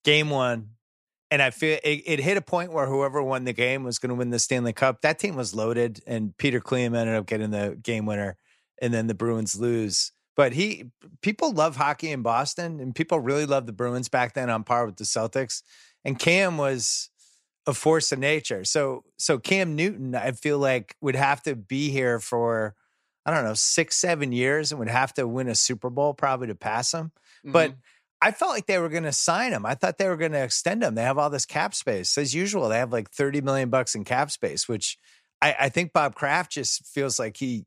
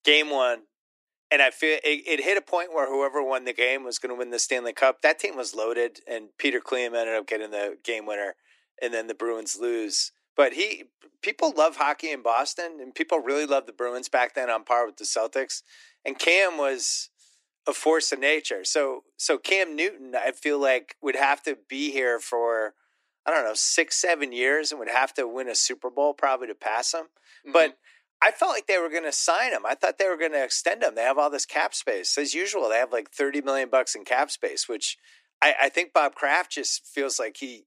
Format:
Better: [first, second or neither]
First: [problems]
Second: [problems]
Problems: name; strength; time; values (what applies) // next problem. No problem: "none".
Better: first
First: none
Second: thin; somewhat; fading below 300 Hz